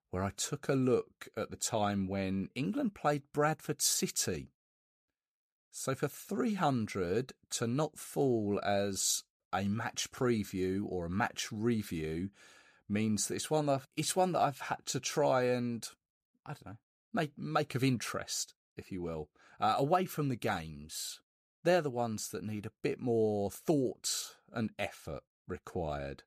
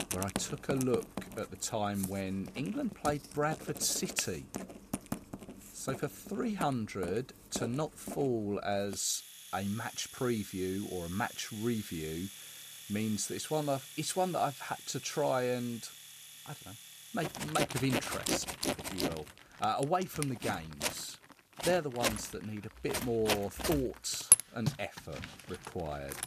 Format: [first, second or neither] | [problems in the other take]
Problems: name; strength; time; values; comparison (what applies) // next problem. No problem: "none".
first | household noises; loud; throughout; 2 dB below the speech